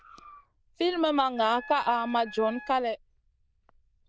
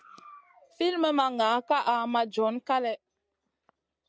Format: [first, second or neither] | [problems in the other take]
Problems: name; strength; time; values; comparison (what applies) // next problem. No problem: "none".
second | noise reduction (neural diffusion model UNIVERSE++)